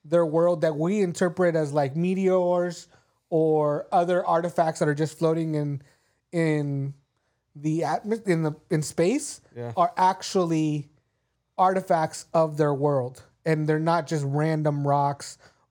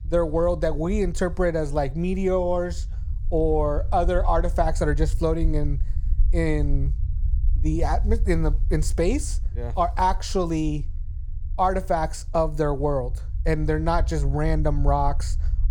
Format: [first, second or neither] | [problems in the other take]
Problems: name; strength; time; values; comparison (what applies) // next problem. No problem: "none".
first | low rumble; faint; throughout; 25 dB below the speech